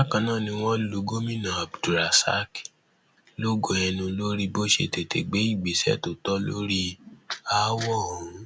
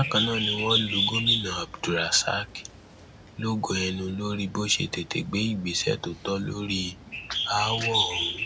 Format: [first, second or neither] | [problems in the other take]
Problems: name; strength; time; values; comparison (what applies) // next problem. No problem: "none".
first | background sound (Bird); 3 dB below the speech